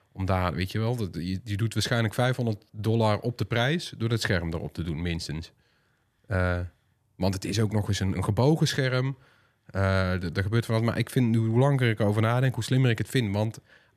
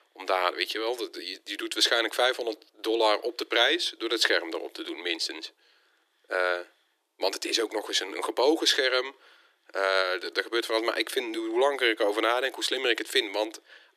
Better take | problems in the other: first | thin; very; fading below 300 Hz

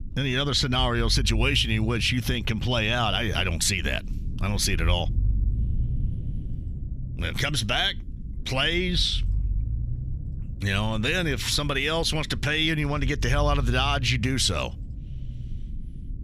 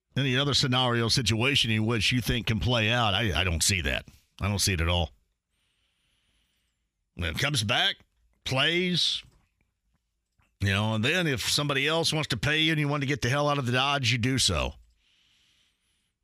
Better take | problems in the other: second | low rumble; faint; throughout; 25 dB below the speech

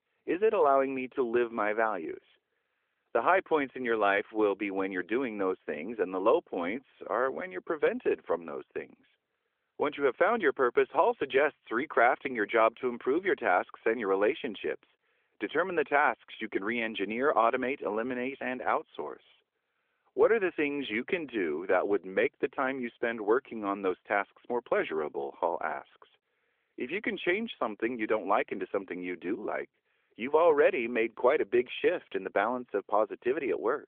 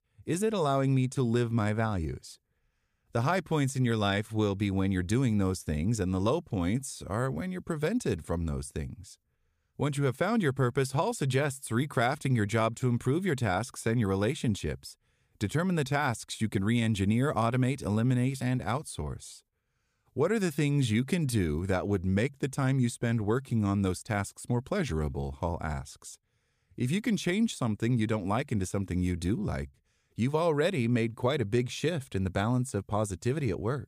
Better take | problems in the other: second | phone-call audio; nothing above 3.5 kHz

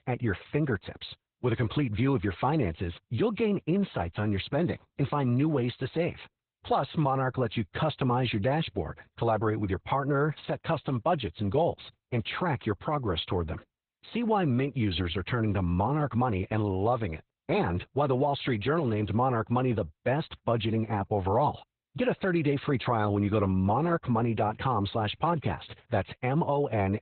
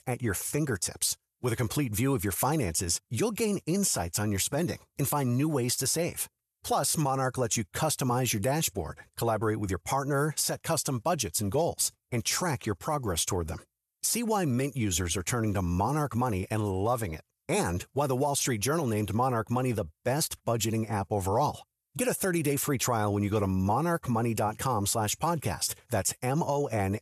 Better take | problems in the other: second | garbled, watery; badly; nothing above 4 kHz

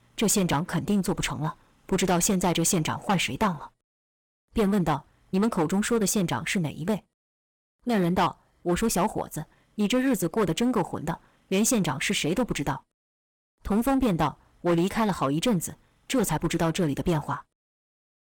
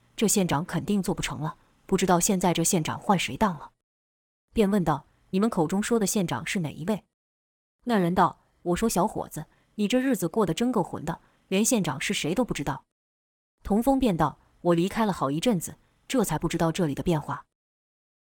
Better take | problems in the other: second | distortion; slight; 6% of the sound clipped

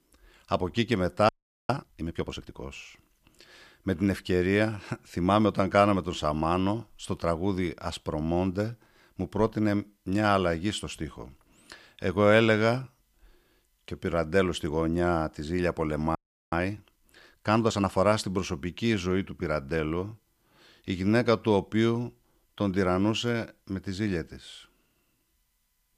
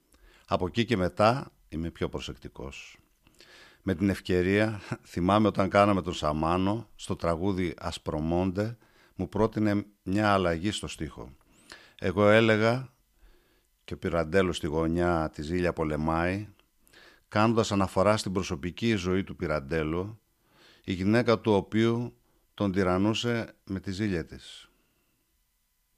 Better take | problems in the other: second | audio freezing; at 1.5 s and at 16 s

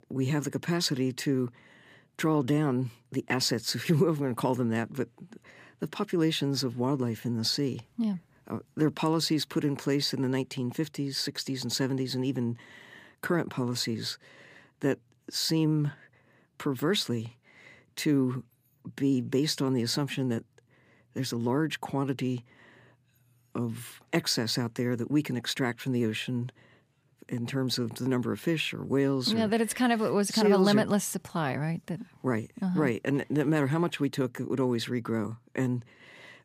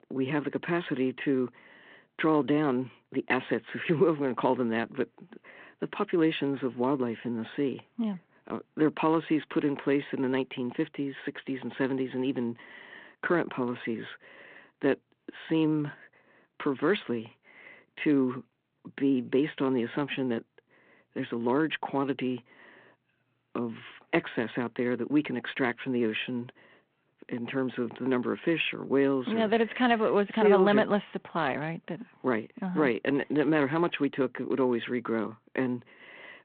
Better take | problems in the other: first | phone-call audio; nothing above 3.5 kHz

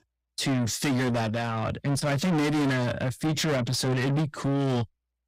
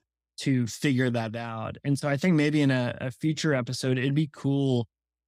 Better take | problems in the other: second | distortion; heavy; 6 dB below the speech

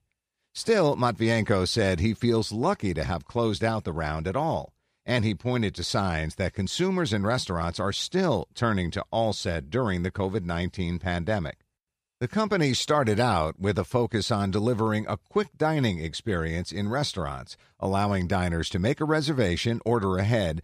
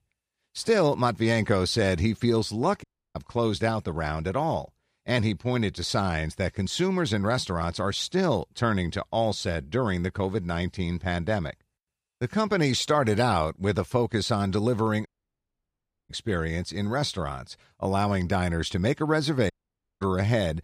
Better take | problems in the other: first | audio cutting out; at 3 s, at 15 s for 1 s and at 20 s for 0.5 s

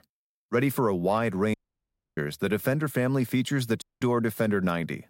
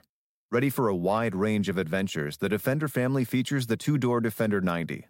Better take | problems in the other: second | audio cutting out; at 1.5 s for 0.5 s and at 4 s

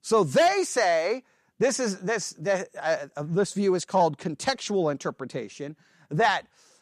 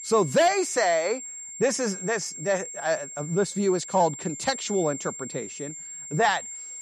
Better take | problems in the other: first | high-pitched whine; loud; throughout; 7.5 kHz, 10 dB below the speech

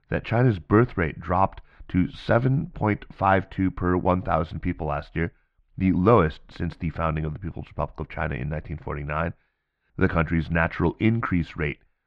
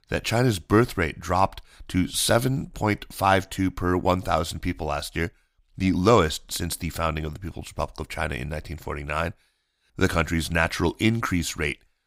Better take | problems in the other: second | muffled; very; fading above 2 kHz

